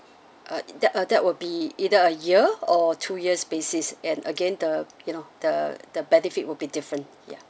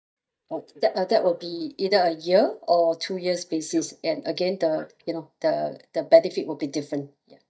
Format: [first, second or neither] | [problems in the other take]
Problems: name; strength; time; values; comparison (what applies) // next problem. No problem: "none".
first | noise reduction (neural mask model DeepFilterNet 3)